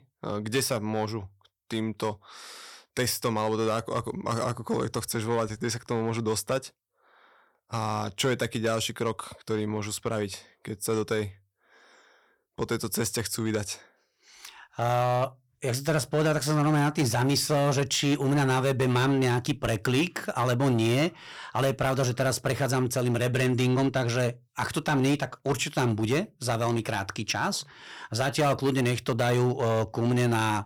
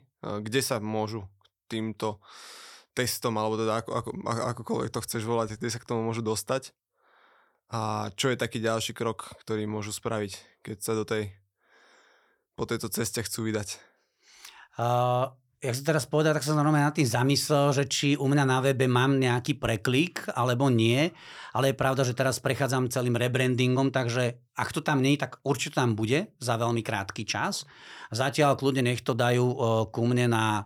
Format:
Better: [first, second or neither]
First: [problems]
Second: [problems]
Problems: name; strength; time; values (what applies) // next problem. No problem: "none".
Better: second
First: distortion; slight; 6% of the sound clipped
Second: none